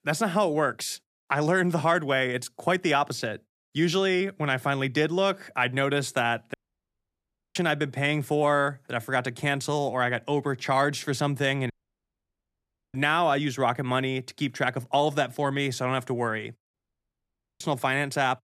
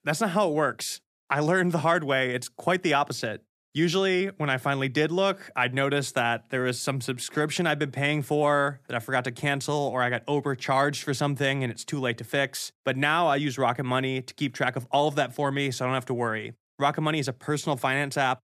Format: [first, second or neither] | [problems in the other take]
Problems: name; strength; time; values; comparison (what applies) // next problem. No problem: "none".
second | audio cutting out; at 6.5 s for 1 s, at 12 s for 1 s and at 17 s for 1 s